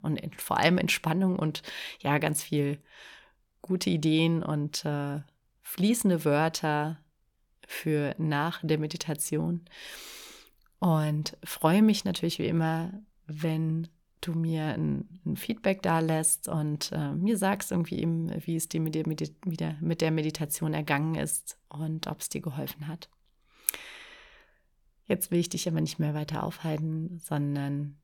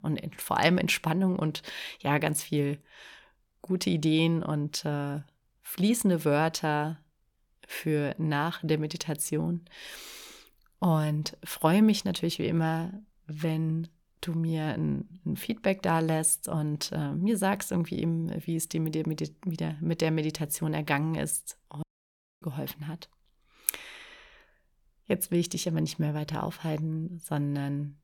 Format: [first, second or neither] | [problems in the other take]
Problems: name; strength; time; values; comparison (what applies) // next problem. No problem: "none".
first | audio cutting out; at 22 s for 0.5 s